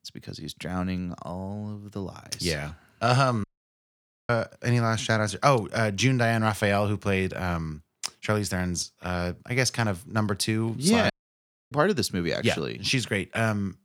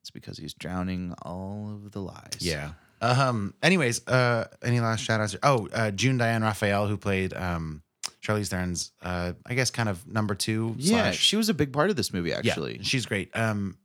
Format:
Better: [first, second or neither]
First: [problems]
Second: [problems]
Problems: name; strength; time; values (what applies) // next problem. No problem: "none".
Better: second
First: audio cutting out; at 3.5 s for 1 s and at 11 s for 0.5 s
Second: none